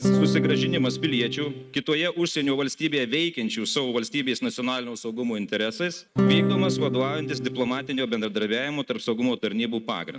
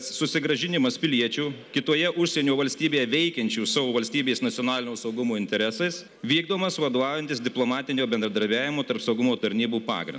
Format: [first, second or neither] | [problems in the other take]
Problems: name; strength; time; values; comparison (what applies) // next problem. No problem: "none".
second | noise reduction (neural mask model RNNoise)